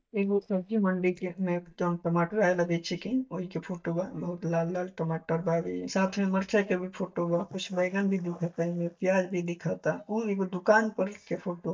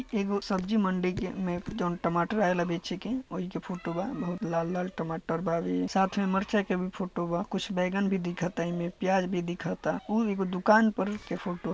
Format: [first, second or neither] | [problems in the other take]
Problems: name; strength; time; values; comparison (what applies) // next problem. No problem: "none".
second | noise reduction (neural mask model DeepFilterNet 3)